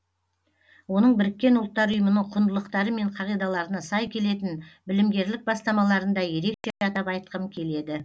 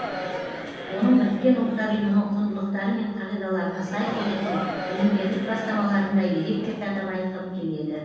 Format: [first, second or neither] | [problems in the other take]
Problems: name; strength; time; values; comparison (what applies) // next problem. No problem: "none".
first | background sound (Crowd); 10 dB below the speech // room echo; dies away in 1.1 s